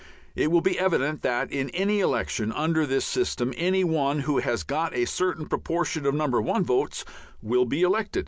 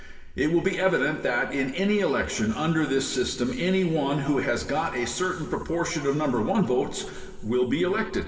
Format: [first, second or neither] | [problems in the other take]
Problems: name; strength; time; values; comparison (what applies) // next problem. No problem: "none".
first | room echo; dies away in 2.5 s